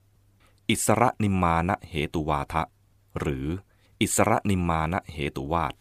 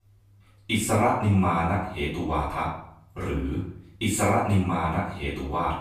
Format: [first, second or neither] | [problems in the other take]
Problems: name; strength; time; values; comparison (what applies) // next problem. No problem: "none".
first | off-mic speech; far // room echo; noticeable; dies away in 0.5 s